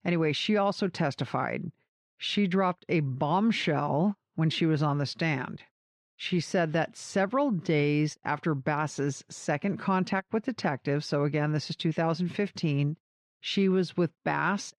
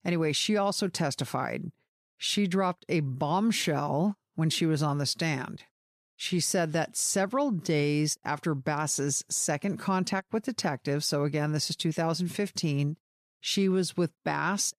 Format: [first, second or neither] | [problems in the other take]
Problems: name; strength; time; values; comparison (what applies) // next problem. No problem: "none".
second | muffled; slightly; fading above 3 kHz